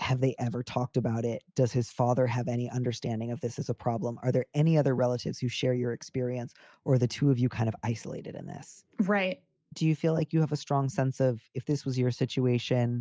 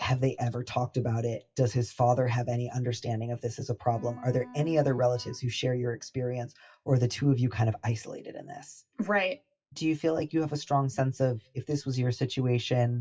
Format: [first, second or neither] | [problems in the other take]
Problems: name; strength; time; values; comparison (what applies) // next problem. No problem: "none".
first | noise reduction (classical method WPE with log-MMSE)